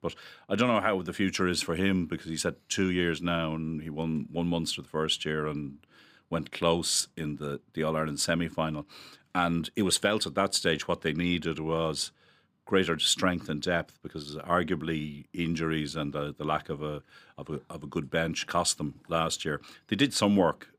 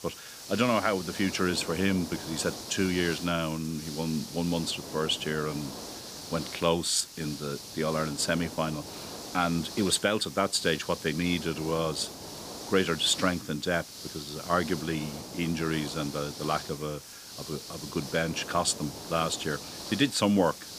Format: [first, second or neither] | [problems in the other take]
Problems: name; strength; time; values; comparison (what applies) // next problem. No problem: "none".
first | hiss; noticeable; throughout; 10 dB below the speech